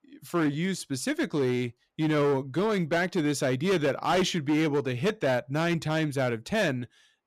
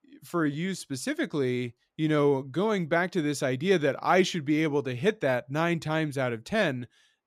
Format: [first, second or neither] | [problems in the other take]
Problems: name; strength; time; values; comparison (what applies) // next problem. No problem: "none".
second | distortion; slight; 11% of the sound clipped